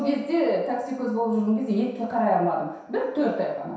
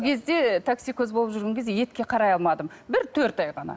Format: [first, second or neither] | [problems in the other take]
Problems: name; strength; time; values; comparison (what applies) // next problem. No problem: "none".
second | room echo; dies away in 0.7 s